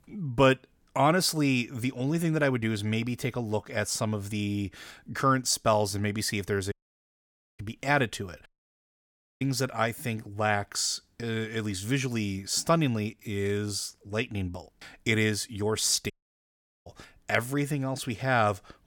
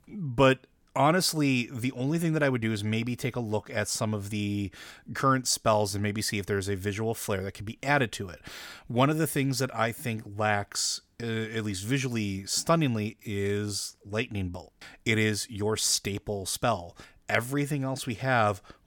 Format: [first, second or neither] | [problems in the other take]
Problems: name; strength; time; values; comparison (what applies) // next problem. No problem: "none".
second | audio cutting out; at 6.5 s for 1 s, at 8.5 s for 1 s and at 16 s for 1 s